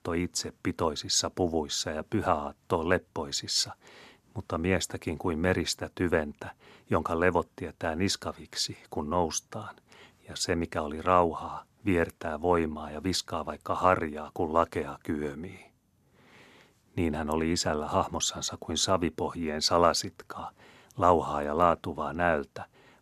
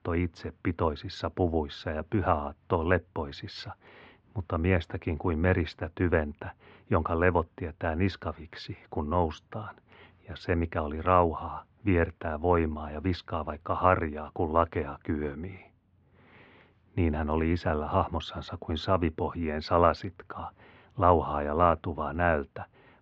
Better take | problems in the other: first | muffled; very; fading above 3 kHz

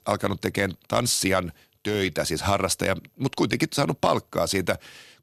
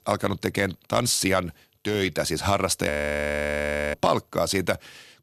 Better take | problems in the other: first | audio freezing; at 3 s for 1 s

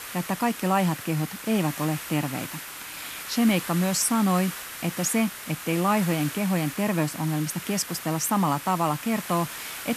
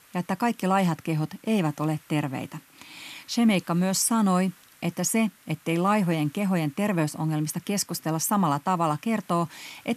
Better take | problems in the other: second | hiss; loud; throughout; 9 dB below the speech; faint in the second

